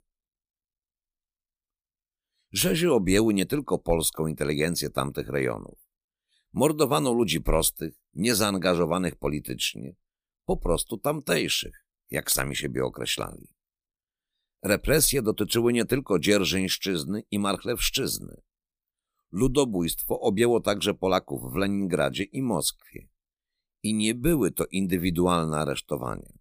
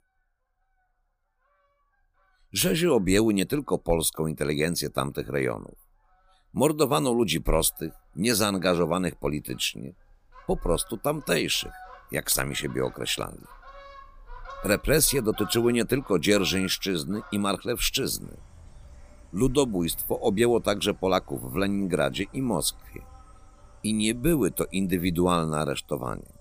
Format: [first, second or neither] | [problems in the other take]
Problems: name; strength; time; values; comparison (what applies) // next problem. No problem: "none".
first | animal sounds; faint; throughout; 25 dB below the speech